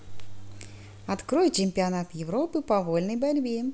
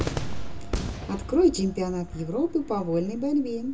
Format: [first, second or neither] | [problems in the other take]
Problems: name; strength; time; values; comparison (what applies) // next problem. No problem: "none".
first | background sound (Cheering / Fireworks); 9 dB below the speech // room echo; dies away in 0.2 s